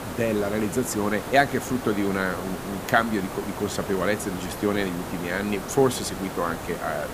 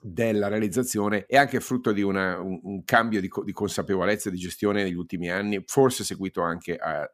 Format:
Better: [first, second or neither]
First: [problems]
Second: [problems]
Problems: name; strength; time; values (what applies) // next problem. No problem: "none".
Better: second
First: hiss; loud; throughout; 8 dB below the speech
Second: none